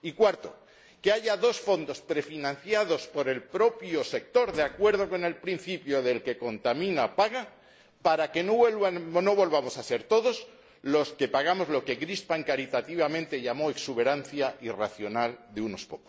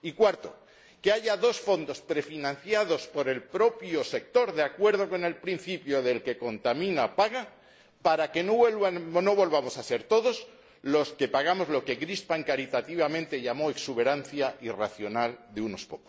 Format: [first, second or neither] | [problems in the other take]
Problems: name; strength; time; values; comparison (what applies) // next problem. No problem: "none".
second | background sound (Gunshot, gunfire); 19 dB below the speech